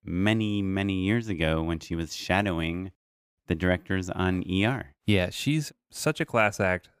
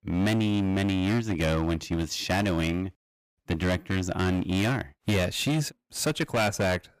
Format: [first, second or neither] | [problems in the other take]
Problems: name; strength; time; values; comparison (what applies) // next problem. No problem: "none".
first | distortion; heavy; 15% of the sound clipped